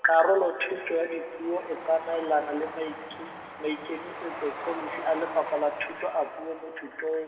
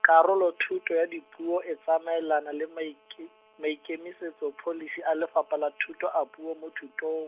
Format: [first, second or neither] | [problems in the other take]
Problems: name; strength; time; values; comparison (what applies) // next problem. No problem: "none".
second | background sound (Train); 12 dB below the speech // room echo; dies away in 2.2 s